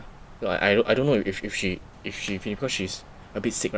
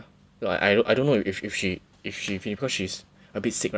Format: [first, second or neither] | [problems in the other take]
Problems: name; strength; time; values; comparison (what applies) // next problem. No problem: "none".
second | background sound (Wind); 18 dB below the speech